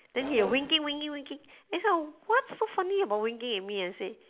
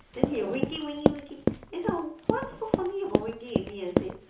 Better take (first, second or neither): first